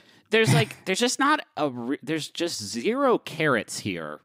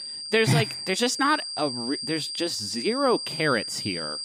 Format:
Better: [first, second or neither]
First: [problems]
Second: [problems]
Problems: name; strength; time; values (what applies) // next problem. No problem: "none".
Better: first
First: none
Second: high-pitched whine; loud; throughout; 5 kHz, 5 dB below the speech